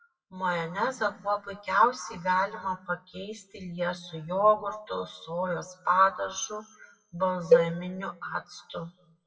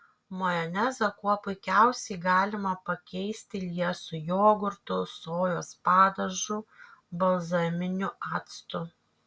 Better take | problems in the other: second | noise reduction (classical method WPE with log-MMSE)

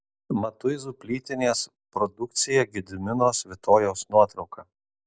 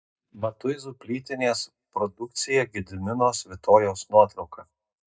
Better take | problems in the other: first | noise reduction (neural mask model DeepFilterNet 3)

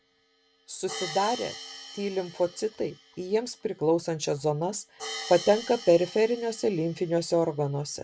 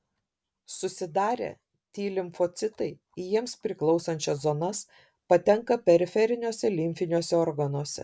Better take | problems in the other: second | background sound (Hi-hat); 15 dB below the speech

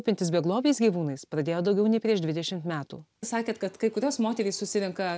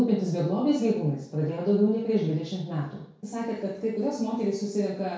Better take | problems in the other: first | room echo; dies away in 0.6 s

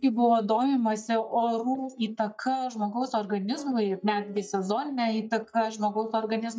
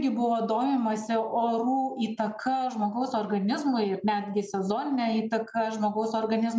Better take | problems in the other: second | noise reduction (neural mask model DeepFilterNet 3)

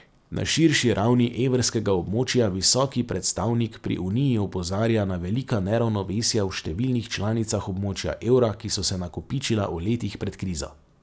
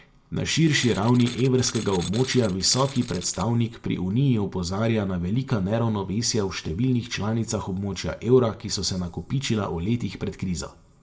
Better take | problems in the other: first | background sound (Tools); 15 dB below the speech // room echo; dies away in 0.4 s

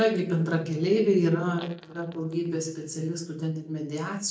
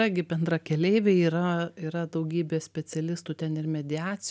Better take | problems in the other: second | noise reduction (neural mask model DeepFilterNet 3)

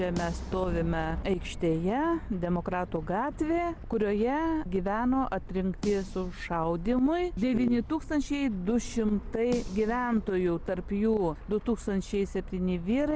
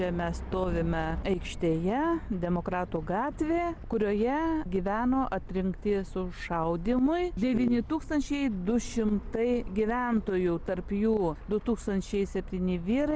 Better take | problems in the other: second | background sound (Snare drum); 18 dB below the speech

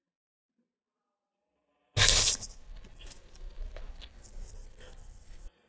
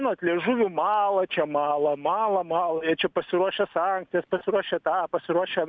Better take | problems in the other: second | noise reduction (neural mask model DeepFilterNet 3)

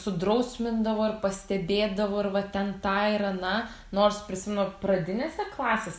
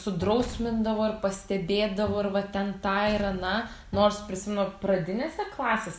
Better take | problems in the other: first | background sound (Explosion + Bowed string instrument); 14 dB below the speech

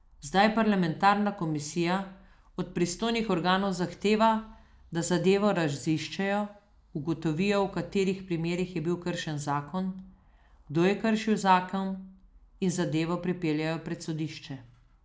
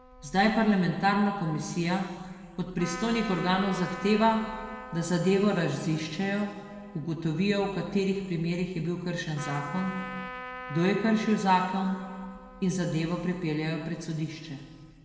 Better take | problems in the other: first | background sound (Trumpet); 15 dB below the speech // room echo; dies away in 1.6 s

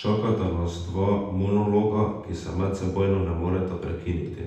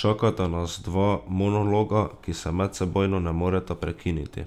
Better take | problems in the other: second | room echo; dies away in 0.8 s

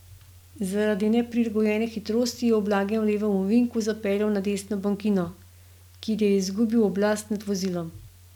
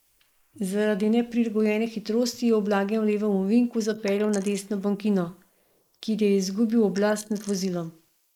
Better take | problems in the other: first | noise reduction (neural mask model Resemble Enhance denoiser)

